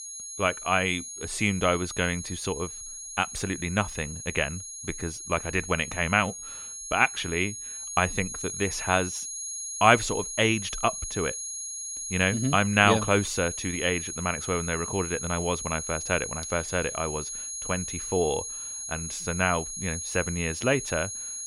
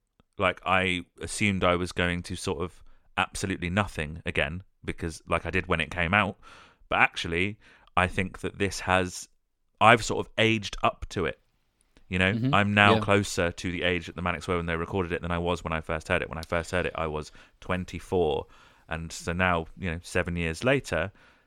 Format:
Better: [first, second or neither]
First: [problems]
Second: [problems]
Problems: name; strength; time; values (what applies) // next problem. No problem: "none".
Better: second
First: high-pitched whine; loud; throughout; 6.5 kHz, 6 dB below the speech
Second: none